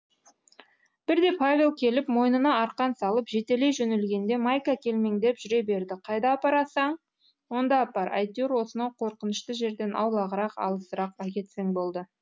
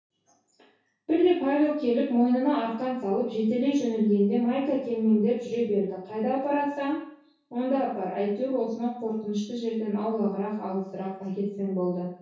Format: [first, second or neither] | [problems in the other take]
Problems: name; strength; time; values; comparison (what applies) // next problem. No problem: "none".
first | room echo; dies away in 0.6 s